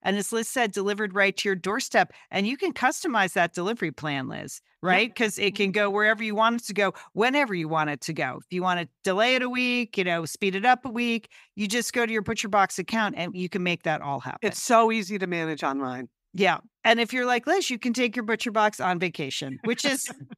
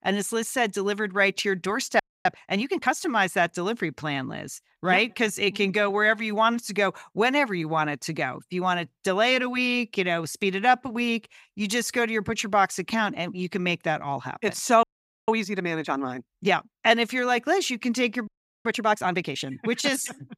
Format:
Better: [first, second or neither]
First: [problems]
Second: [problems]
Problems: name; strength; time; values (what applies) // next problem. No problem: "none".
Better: first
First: none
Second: audio freezing; at 2 s, at 15 s and at 18 s